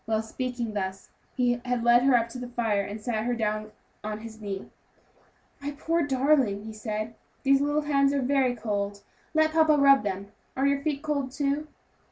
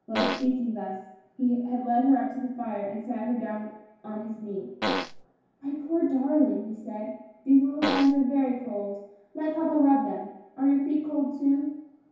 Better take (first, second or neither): first